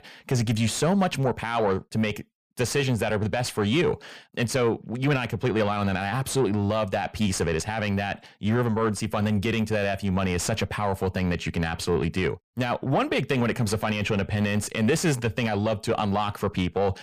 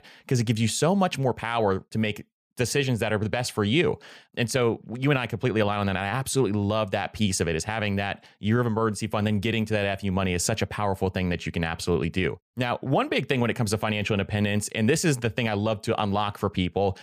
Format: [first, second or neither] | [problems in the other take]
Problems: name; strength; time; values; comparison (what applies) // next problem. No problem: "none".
second | distortion; slight; 10 dB below the speech